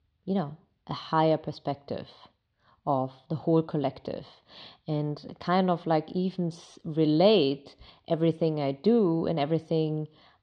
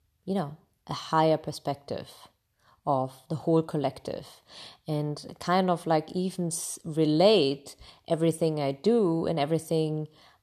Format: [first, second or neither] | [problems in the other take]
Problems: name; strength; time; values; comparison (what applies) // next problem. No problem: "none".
second | muffled; very slightly; fading above 4 kHz